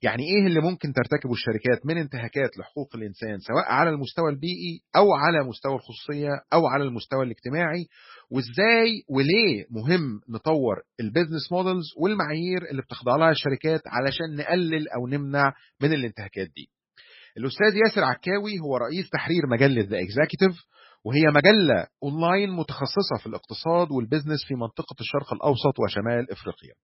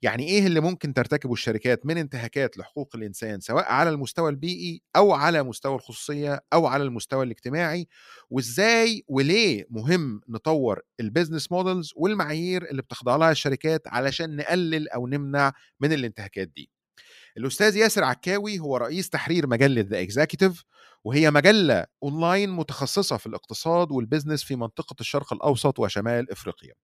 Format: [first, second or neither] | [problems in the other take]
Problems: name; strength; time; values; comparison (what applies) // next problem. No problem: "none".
second | garbled, watery; badly; nothing above 5.5 kHz